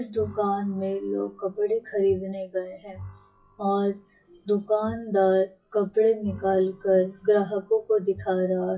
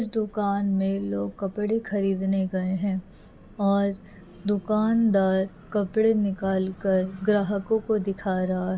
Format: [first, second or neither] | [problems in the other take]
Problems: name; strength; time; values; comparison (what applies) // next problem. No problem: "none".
second | noise reduction (classical method WPE with log-MMSE)